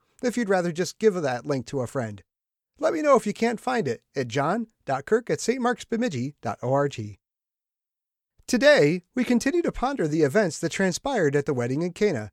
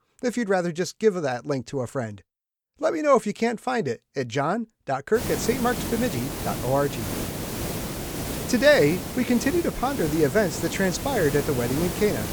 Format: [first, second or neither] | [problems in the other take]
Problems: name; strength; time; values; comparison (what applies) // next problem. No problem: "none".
first | hiss; loud; from 5 s on; 6 dB below the speech